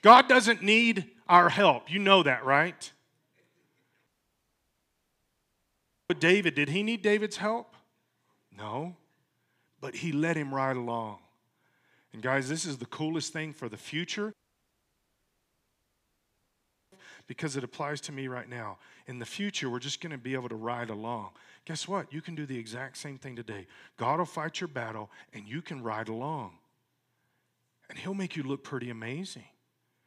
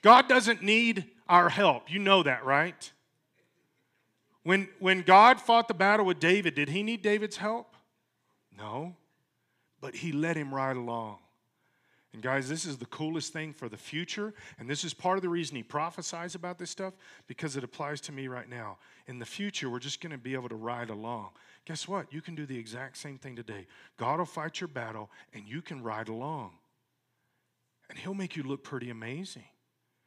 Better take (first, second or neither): second